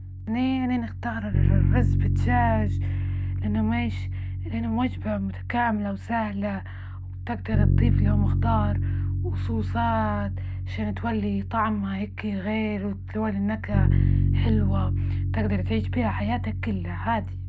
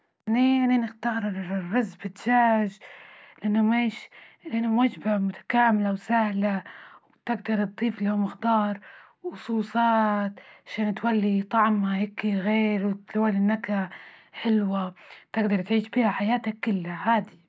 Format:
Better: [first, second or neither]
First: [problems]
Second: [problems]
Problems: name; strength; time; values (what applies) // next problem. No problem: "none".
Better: second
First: background sound (Bass guitar); 3 dB above the speech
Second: none